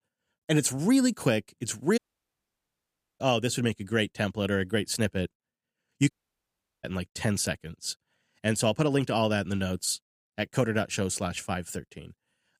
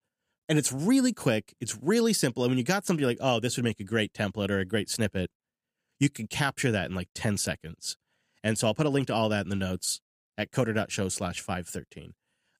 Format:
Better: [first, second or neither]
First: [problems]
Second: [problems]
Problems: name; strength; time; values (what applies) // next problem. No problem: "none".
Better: second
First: audio cutting out; at 2 s for 1 s and at 6 s for 0.5 s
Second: none